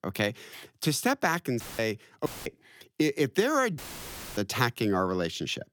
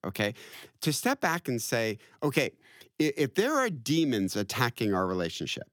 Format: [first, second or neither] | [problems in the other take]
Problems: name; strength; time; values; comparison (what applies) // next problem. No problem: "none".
second | audio cutting out; filled with static; at 1.5 s, at 2.5 s and at 4 s for 0.5 s